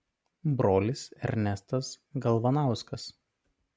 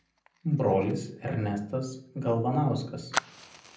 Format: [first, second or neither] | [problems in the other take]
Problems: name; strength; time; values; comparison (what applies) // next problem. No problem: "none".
first | background sound (Fire); 12 dB below the speech // room echo; dies away in 0.6 s